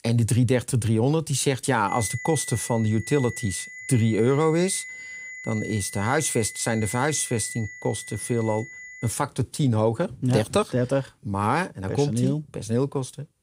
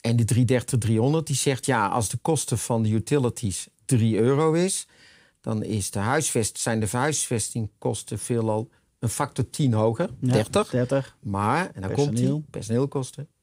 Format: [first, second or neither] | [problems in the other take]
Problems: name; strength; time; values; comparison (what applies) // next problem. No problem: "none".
second | high-pitched whine; noticeable; from 2 to 9 s; 2 kHz, 15 dB below the speech